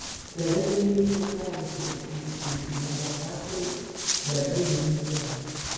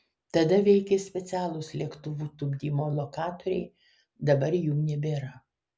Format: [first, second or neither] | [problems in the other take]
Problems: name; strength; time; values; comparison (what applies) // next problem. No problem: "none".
second | background sound (Walk, footsteps); 6 dB below the speech // room echo; dies away in 2 s